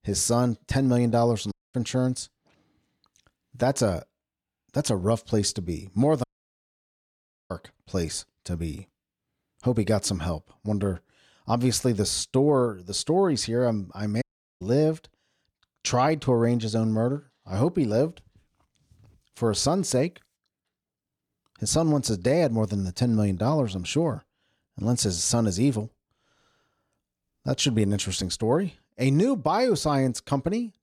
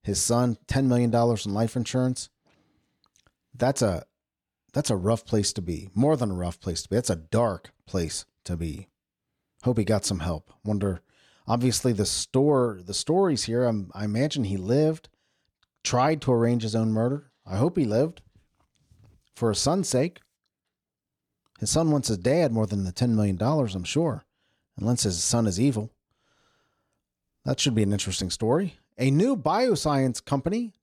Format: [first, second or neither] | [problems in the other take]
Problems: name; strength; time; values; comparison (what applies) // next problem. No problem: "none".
second | audio cutting out; at 1.5 s, at 6 s for 1.5 s and at 14 s